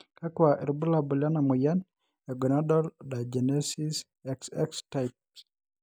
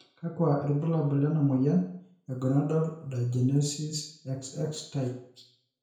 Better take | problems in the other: first | room echo; dies away in 0.5 s

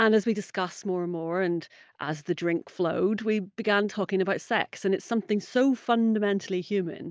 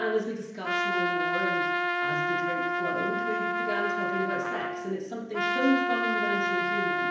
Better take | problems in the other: first | background sound (Trumpet); 4 dB above the speech // room echo; dies away in 0.9 s

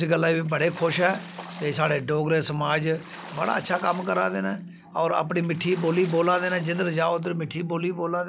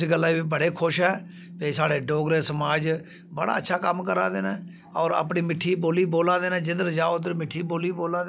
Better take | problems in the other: second | background sound (Water / Splash, splatter); 18 dB below the speech

